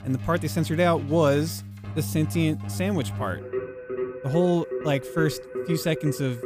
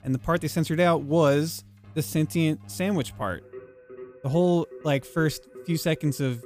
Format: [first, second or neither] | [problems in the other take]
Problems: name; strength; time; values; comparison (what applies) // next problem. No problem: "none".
second | background music; loud; throughout; 8 dB below the speech; faint in the second